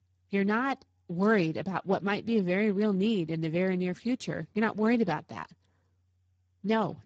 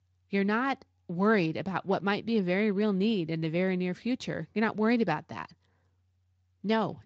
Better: second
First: garbled, watery; badly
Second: garbled, watery; slightly

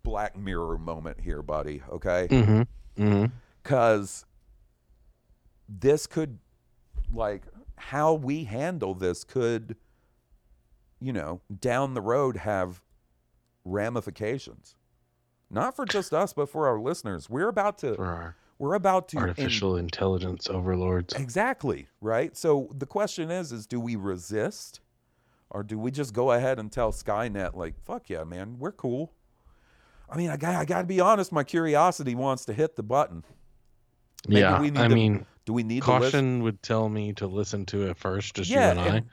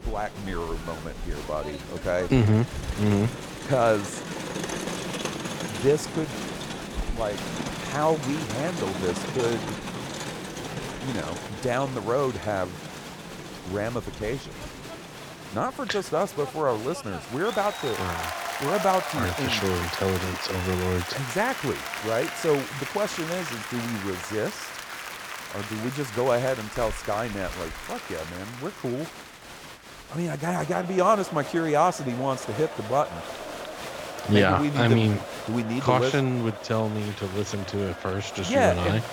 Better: first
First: none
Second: crowd noise; loud; throughout; 8 dB below the speech

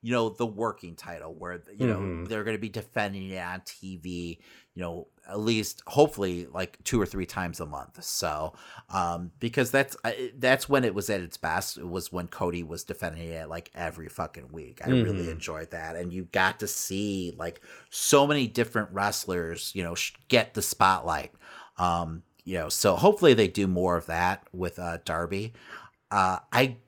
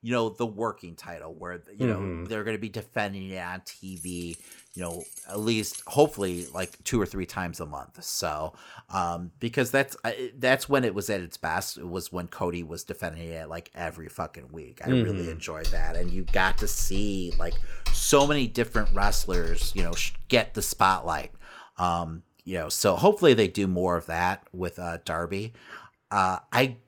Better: first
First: none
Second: jangling keys; faint; from 4 to 6.5 s; peak 10 dB below the speech // keyboard typing; noticeable; from 16 to 21 s; peak 5 dB below the speech

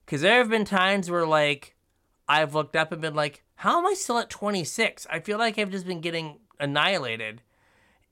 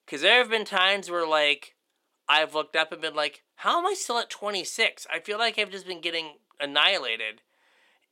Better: first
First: none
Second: thin; somewhat; fading below 300 Hz

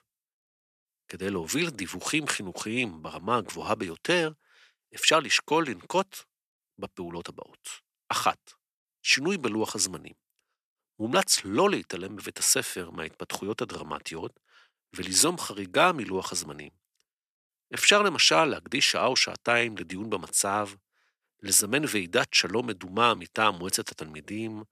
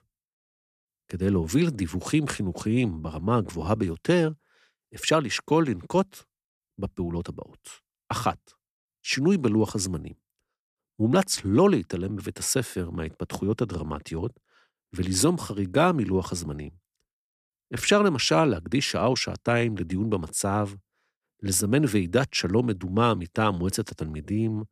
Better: second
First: thin; somewhat; fading below 950 Hz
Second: none

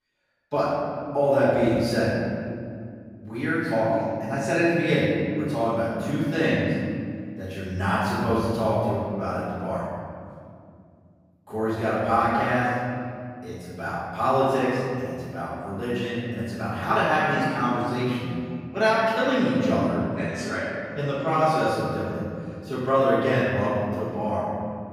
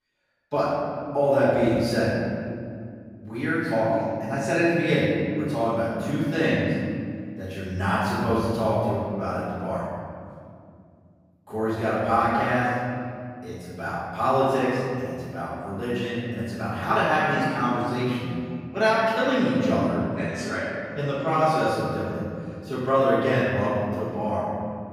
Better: neither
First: room echo; strong; dies away in 2.4 s // off-mic speech; far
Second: room echo; strong; dies away in 2.4 s // off-mic speech; far

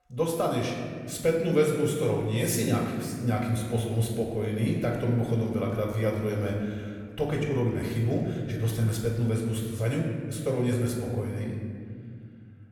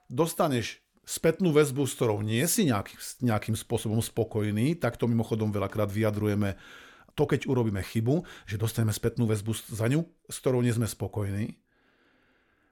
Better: second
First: off-mic speech; somewhat distant // room echo; noticeable; dies away in 2 s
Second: none

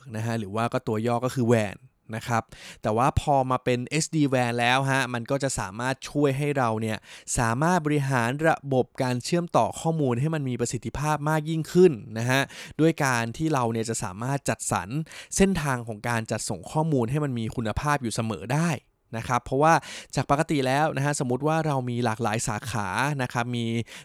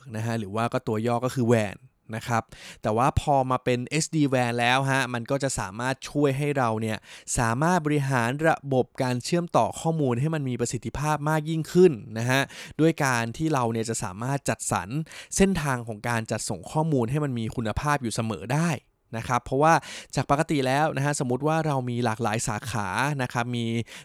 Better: neither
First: none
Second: none

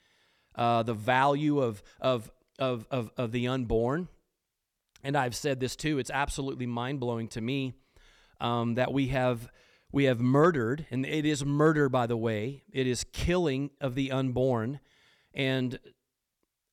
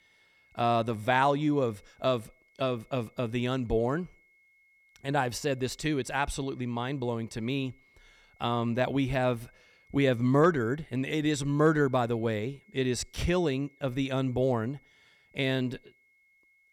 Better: first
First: none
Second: high-pitched whine; faint; throughout; 2 kHz, 35 dB below the speech

